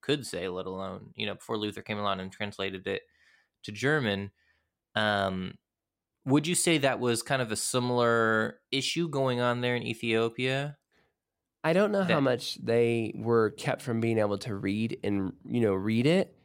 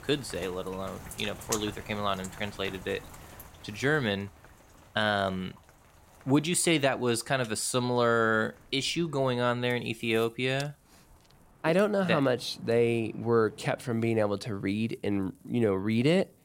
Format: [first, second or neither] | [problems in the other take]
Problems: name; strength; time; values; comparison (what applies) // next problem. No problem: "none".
first | rain or running water; noticeable; throughout; 15 dB below the speech